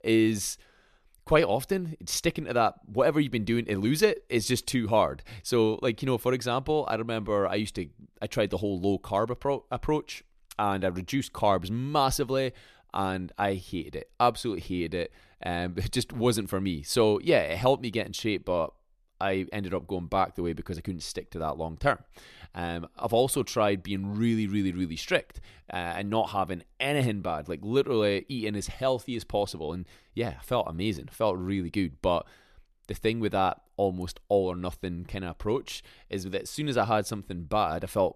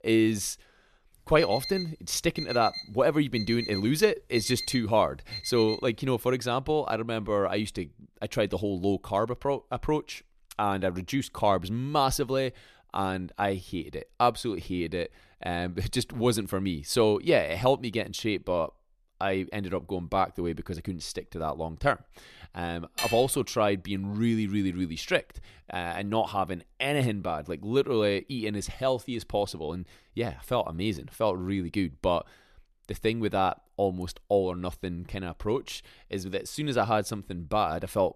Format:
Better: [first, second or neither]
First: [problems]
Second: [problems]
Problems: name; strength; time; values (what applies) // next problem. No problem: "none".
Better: first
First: none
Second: alarm; noticeable; from 1.5 to 6 s; peak 6 dB below the speech // clattering dishes; noticeable; at 23 s; peak 3 dB below the speech